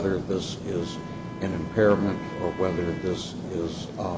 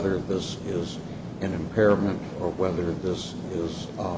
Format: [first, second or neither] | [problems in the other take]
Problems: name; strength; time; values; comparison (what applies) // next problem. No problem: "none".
second | background sound (Wind instrument, woodwind instrument); 17 dB below the speech